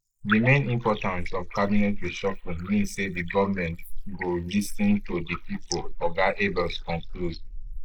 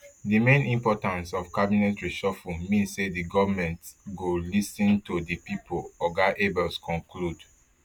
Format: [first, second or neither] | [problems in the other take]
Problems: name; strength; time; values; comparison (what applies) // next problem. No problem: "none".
second | noise reduction (neural mask model Resemble Enhance denoiser)